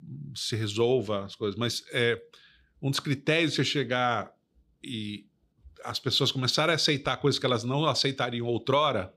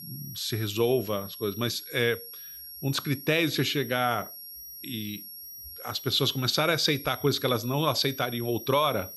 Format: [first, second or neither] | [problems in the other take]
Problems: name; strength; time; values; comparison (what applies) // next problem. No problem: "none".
first | high-pitched whine; noticeable; throughout; 11.5 kHz, 15 dB below the speech